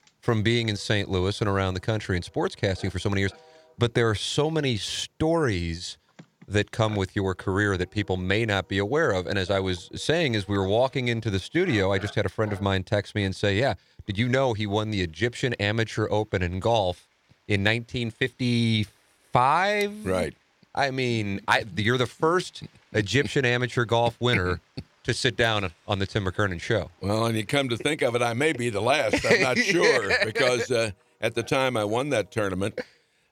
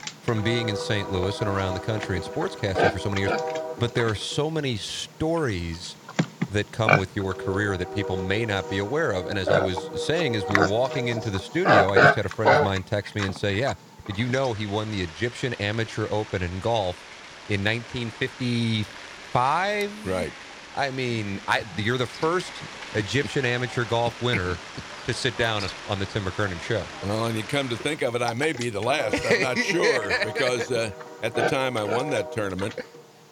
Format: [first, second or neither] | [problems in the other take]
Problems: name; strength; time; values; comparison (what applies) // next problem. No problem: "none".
first | animal sounds; loud; throughout; 2 dB below the speech; faint in the first